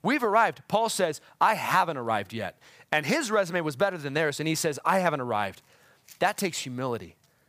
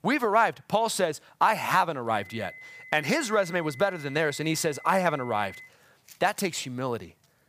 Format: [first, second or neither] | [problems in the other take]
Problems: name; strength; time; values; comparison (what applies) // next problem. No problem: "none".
first | high-pitched whine; noticeable; from 2 to 5.5 s; 2 kHz, 20 dB below the speech